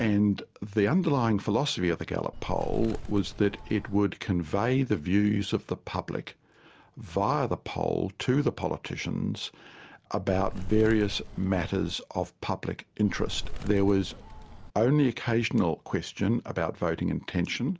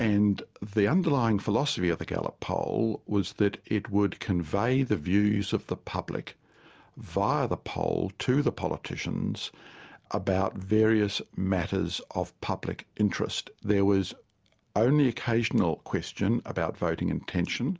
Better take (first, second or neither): second